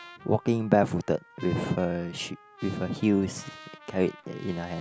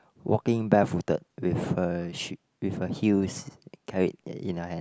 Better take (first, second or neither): second